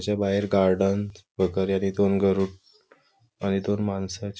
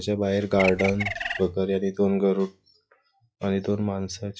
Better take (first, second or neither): first